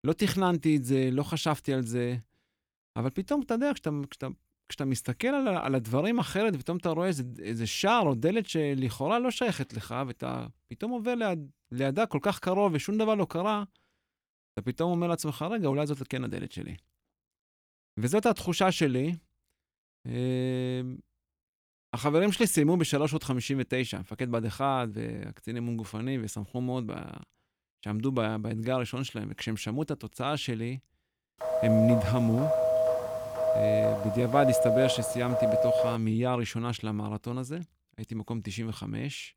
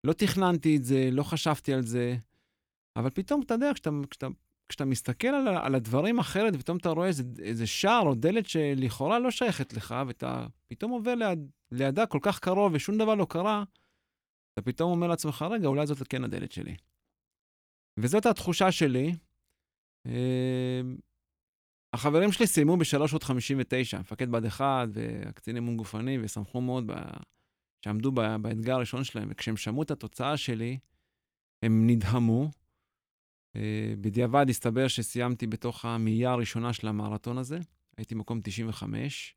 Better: second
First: phone ringing; loud; from 31 to 36 s; peak 5 dB above the speech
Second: none

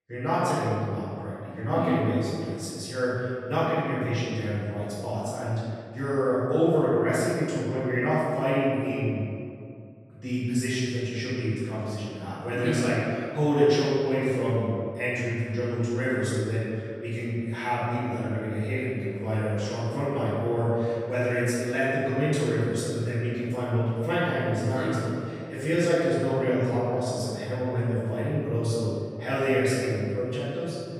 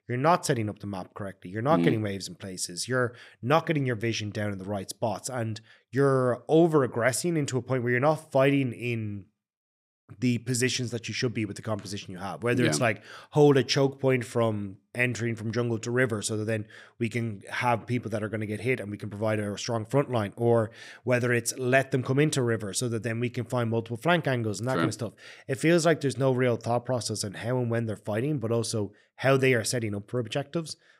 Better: second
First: room echo; strong; dies away in 2.1 s // off-mic speech; far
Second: none

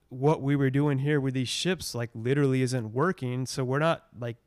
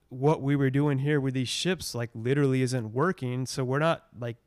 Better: neither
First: none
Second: none

